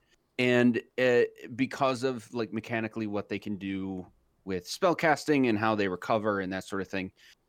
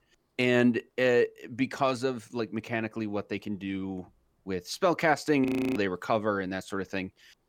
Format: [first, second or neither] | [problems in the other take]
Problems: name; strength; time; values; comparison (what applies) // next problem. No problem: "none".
first | audio freezing; at 5.5 s